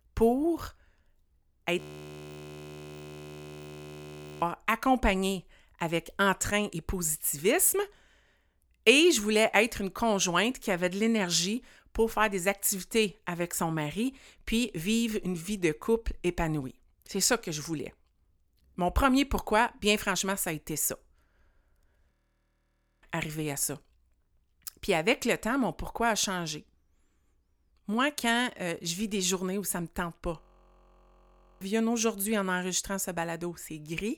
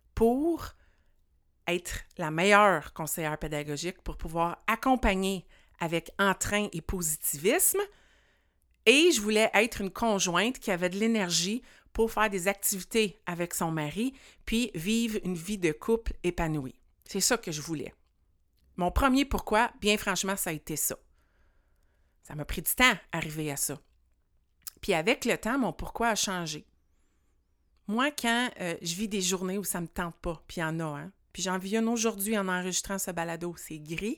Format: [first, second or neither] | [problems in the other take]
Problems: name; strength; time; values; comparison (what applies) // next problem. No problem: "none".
second | audio freezing; at 2 s for 2.5 s, at 22 s for 1 s and at 30 s for 1 s